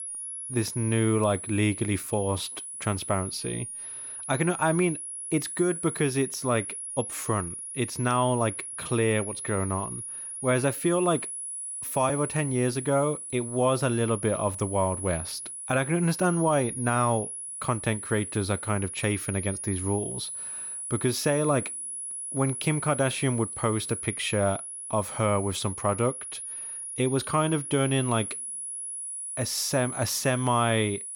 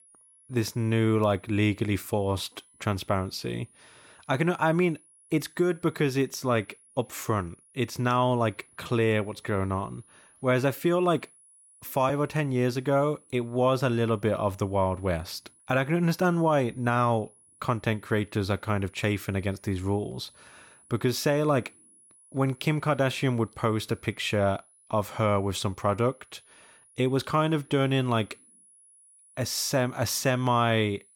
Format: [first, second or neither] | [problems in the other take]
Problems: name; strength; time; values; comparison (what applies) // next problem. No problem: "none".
second | high-pitched whine; loud; throughout; 10.5 kHz, 6 dB below the speech; faint in the second